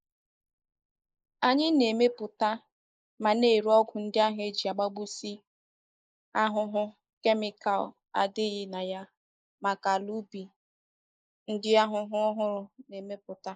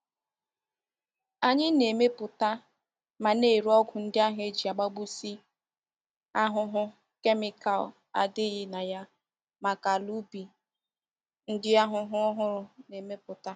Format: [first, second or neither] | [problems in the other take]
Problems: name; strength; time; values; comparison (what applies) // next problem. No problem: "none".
second | noise reduction (neural mask model Resemble Enhance denoiser)